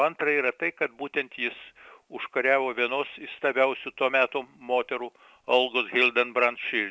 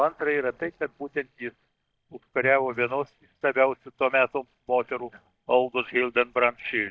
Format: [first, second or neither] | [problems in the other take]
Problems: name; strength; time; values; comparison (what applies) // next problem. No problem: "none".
first | noise reduction (neural mask model DeepFilterNet 3)